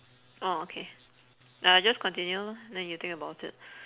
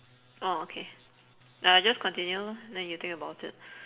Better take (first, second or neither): first